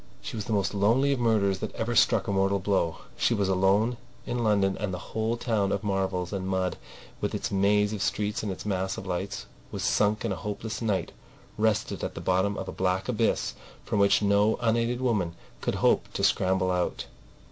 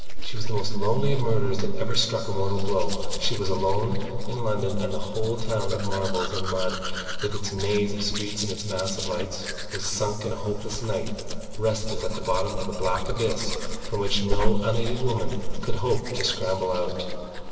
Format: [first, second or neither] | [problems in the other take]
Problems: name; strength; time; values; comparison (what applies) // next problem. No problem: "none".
first | background sound (Domestic sounds, home sounds); 4 dB below the speech // room echo; dies away in 2.8 s